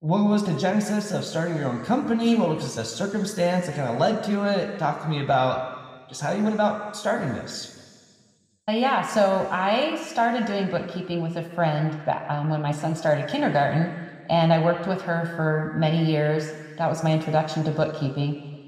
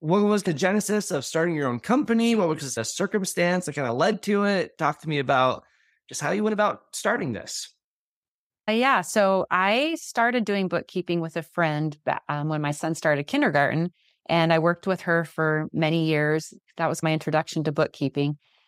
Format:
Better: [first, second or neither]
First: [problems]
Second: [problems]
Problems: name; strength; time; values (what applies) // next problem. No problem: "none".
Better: second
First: room echo; slight; dies away in 1.9 s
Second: none